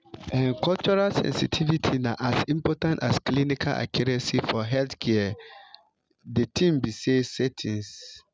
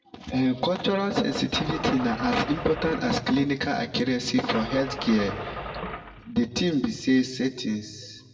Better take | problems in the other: first | background sound (Engine starting / Car); 9 dB below the speech // room echo; dies away in 1.2 s

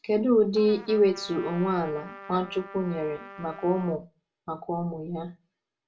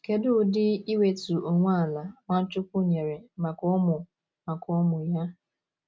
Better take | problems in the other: second | background sound (Trumpet); 17 dB below the speech // room echo; dies away in 0.2 s

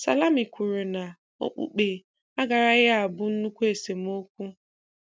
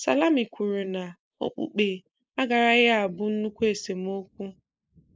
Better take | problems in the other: first | noise reduction (neural mask model Resemble Enhance denoiser)

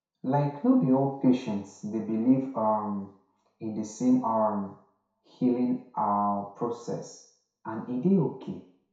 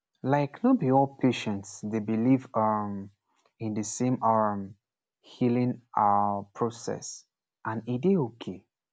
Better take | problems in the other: second | room echo; dies away in 0.6 s

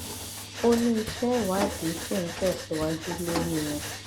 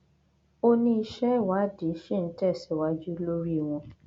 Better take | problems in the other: second | background sound (Mechanisms + Breathing); 6 dB below the speech

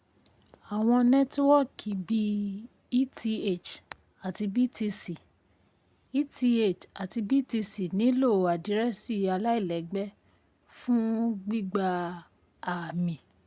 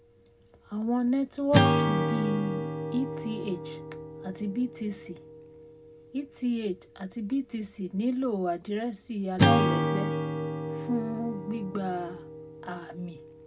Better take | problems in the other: first | background sound (Acoustic guitar / Strum); 1 dB above the speech // room echo; dies away in 0.2 s

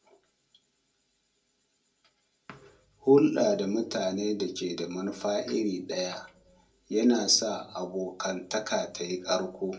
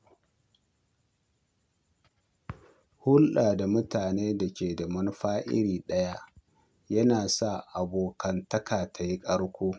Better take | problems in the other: second | room echo; dies away in 0.2 s

